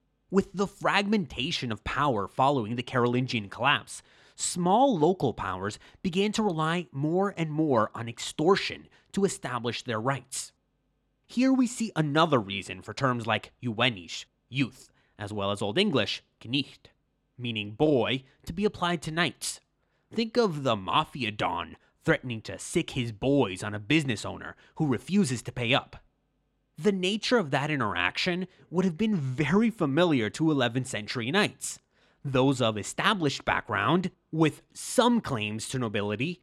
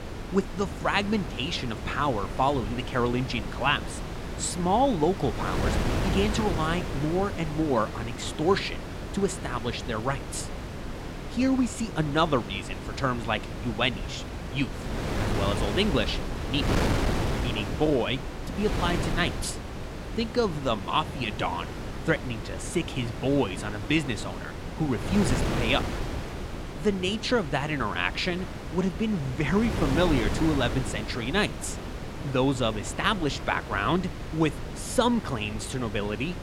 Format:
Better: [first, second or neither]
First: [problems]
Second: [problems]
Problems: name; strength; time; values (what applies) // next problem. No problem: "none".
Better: first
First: none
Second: wind noise on the microphone; heavy; 8 dB below the speech